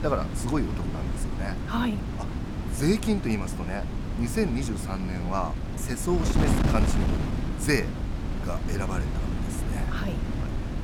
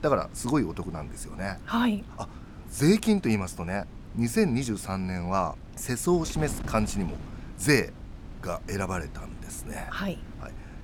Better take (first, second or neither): second